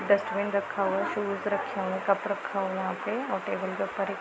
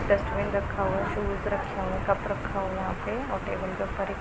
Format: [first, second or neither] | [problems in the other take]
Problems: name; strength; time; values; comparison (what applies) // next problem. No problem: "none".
first | background sound (Thunder / Rain); 5 dB below the speech